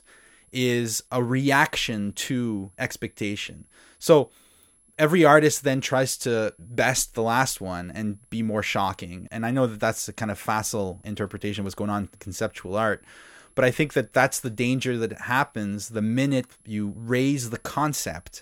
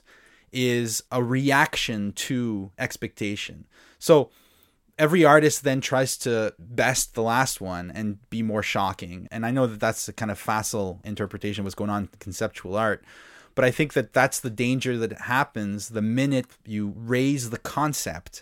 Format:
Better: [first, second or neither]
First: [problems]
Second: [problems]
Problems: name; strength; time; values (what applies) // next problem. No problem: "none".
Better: second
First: high-pitched whine; faint; throughout; 11 kHz, 35 dB below the speech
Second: none